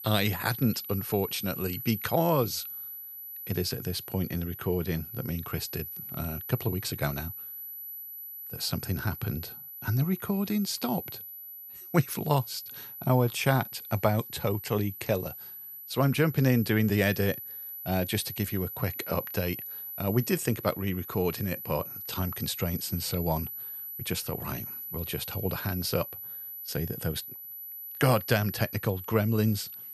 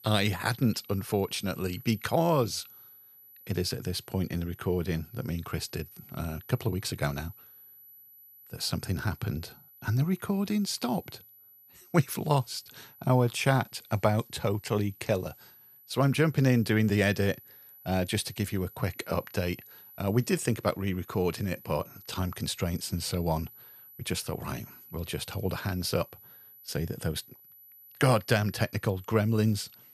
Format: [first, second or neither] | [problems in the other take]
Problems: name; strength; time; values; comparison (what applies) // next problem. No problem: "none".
second | high-pitched whine; loud; throughout; 12 kHz, 8 dB below the speech; faint in the second